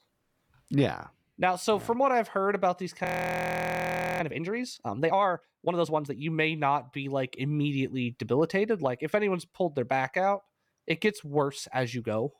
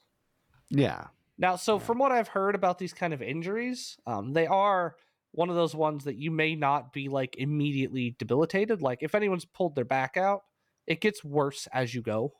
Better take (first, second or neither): second